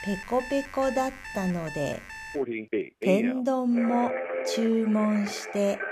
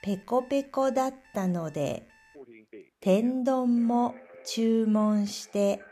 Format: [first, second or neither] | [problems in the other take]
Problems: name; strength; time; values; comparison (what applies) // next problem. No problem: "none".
second | alarms or sirens; loud; throughout; 7 dB below the speech; faint in the second